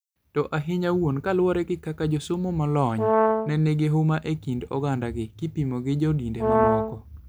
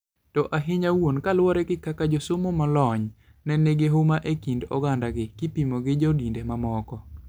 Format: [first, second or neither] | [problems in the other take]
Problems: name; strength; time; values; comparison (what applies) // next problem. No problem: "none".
second | background sound (Brass instrument); 2 dB above the speech